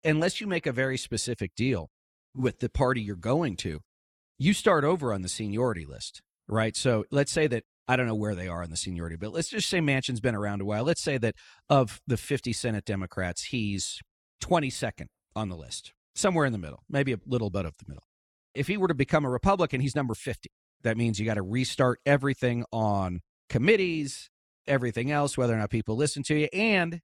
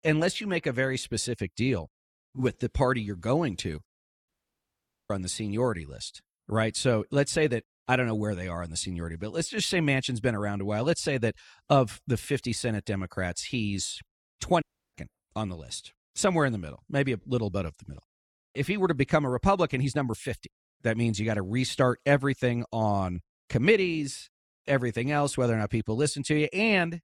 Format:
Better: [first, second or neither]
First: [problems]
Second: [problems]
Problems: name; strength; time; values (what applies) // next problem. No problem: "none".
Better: first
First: none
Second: audio cutting out; at 4.5 s for 1 s and at 15 s